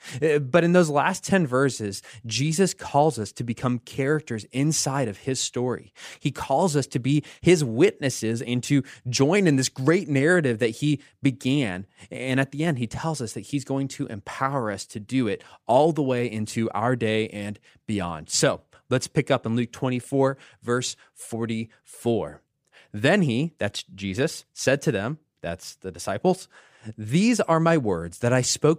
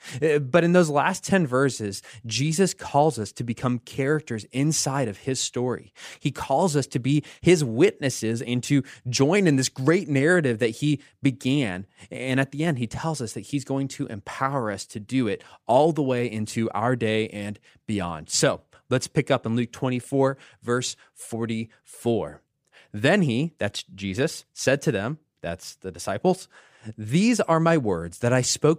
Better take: neither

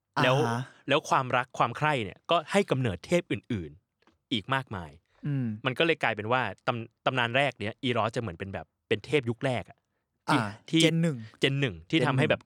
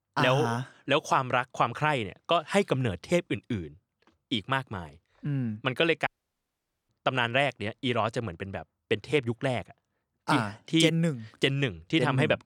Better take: first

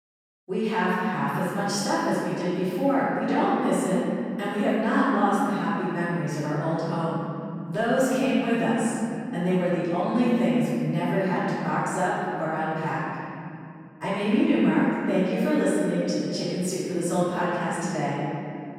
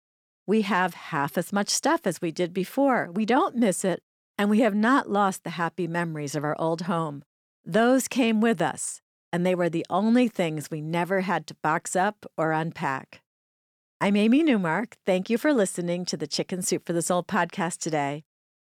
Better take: second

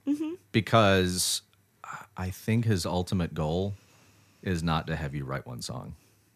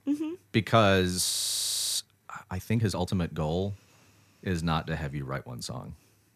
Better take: first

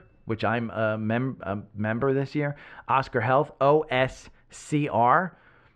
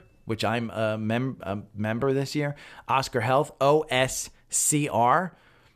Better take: second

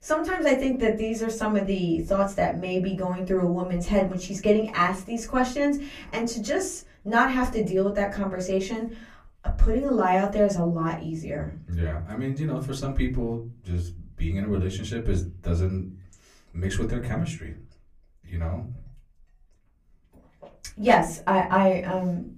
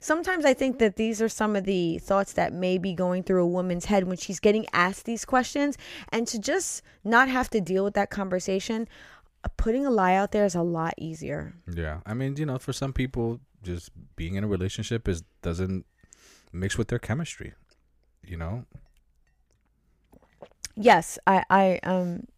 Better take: second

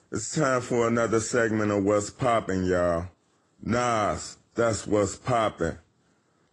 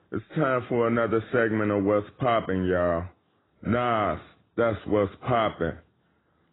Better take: first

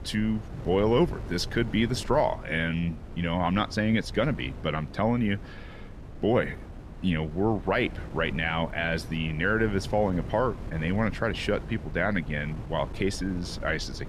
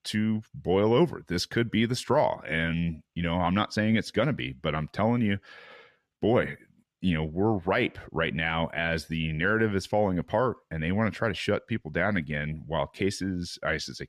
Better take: second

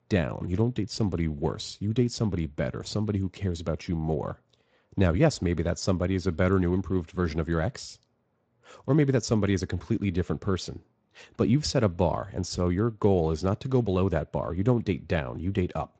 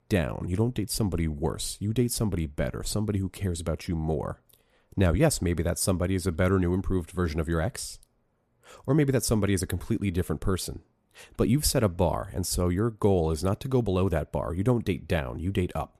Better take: second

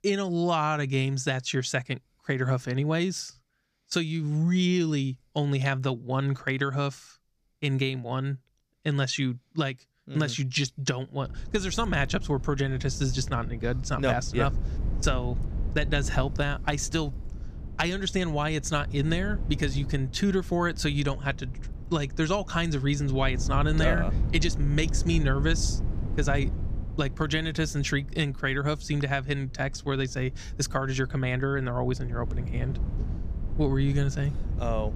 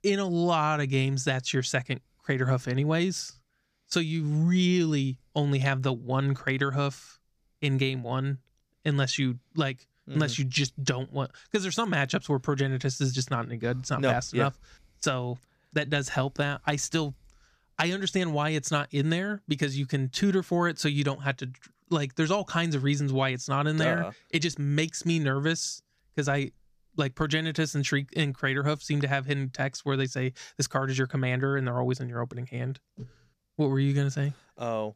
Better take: second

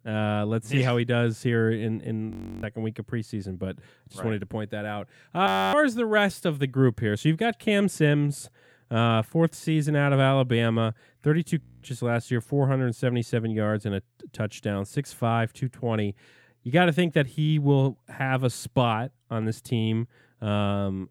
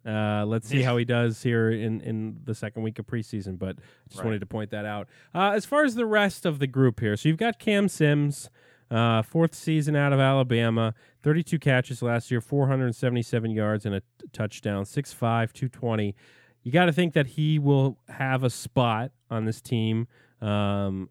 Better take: second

